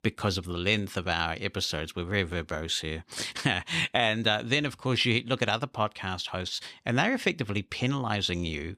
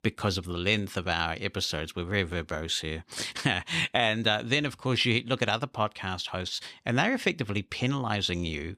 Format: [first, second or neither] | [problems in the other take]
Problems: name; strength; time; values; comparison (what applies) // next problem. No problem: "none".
neither | none